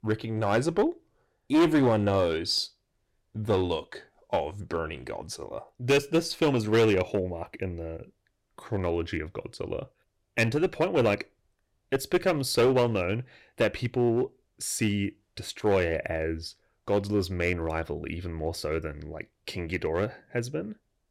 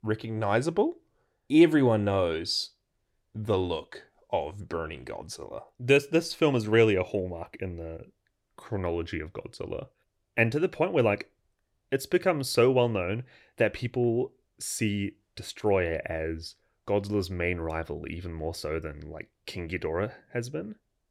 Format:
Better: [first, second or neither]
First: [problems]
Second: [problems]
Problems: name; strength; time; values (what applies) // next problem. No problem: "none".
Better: second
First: distortion; slight; 4% of the sound clipped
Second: none